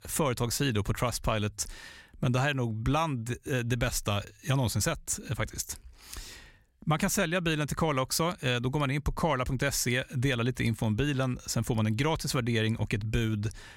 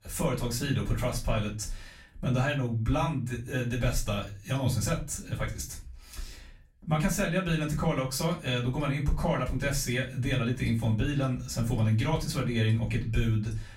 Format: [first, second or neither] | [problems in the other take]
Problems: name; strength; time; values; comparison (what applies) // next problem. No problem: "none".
first | off-mic speech; far // room echo; very slight; dies away in 0.3 s